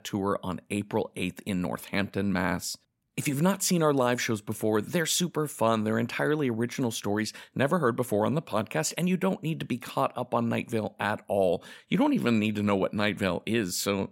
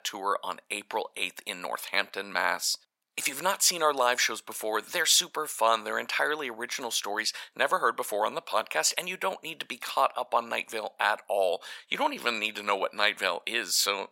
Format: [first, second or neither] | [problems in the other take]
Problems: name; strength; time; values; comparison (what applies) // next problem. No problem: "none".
first | thin; very; fading below 850 Hz